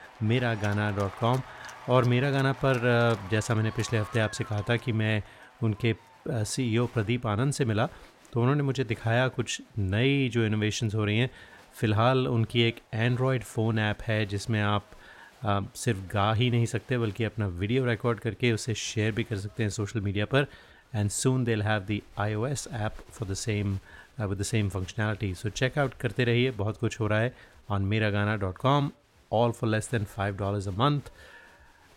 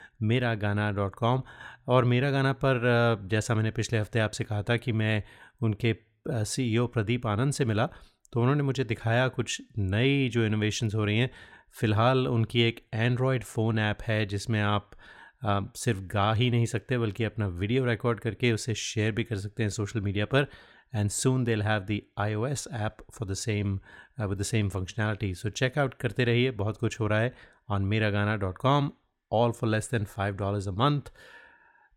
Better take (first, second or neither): second